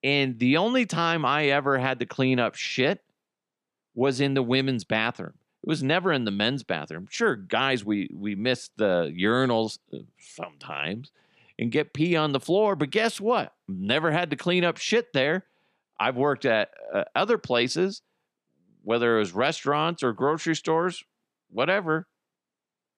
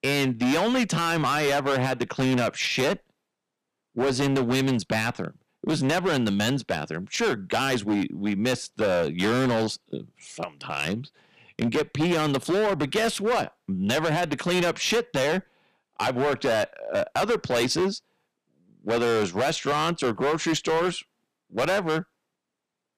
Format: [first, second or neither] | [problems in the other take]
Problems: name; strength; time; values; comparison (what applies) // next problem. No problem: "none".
first | distortion; heavy; 15% of the sound clipped